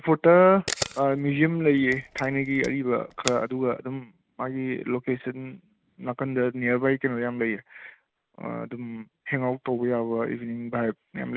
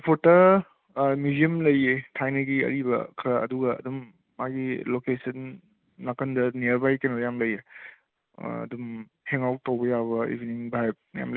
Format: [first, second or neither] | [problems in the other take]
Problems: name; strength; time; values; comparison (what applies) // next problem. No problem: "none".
second | background sound (Camera); 12 dB below the speech